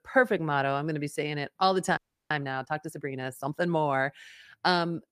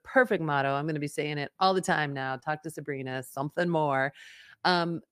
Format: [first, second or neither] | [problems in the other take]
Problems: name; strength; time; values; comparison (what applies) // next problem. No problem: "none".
second | audio freezing; at 2 s